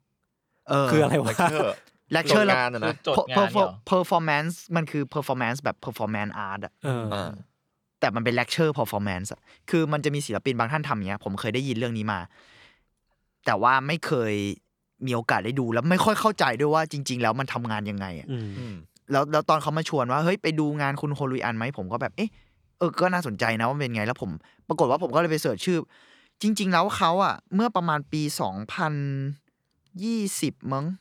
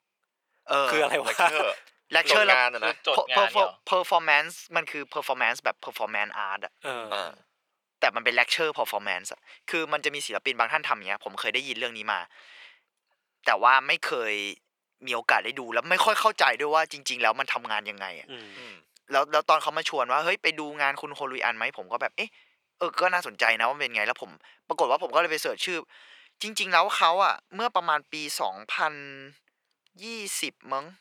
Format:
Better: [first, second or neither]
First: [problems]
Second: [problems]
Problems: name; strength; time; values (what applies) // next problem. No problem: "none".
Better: first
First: none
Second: thin; very; fading below 650 Hz